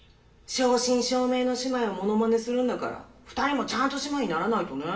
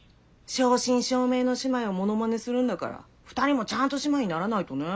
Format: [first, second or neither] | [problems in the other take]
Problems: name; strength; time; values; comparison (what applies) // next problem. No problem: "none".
second | room echo; dies away in 0.7 s